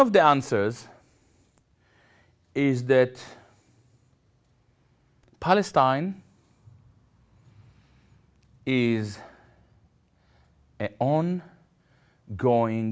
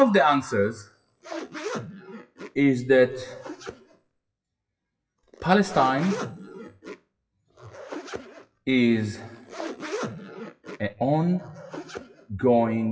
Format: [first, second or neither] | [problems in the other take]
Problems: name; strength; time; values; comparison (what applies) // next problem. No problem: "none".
first | noise reduction (classical method WPE with log-MMSE)